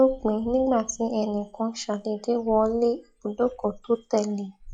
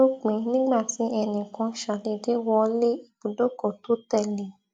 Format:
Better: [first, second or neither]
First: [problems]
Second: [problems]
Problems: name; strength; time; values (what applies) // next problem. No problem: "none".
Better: second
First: noise reduction (classical method log-MMSE)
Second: none